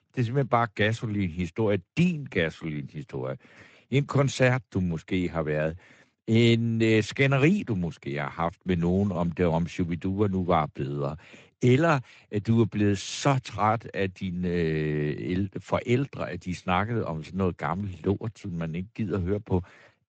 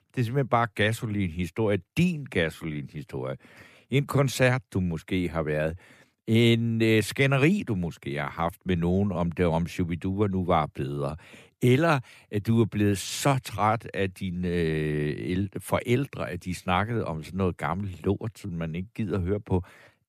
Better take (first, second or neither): second